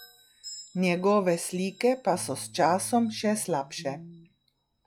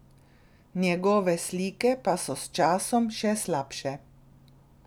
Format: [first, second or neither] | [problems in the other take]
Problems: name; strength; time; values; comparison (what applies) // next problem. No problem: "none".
second | noise reduction (classical method log-MMSE)